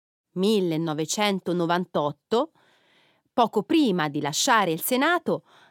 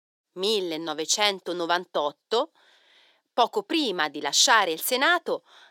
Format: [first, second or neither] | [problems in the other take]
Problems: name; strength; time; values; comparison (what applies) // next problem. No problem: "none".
first | thin; somewhat; fading below 450 Hz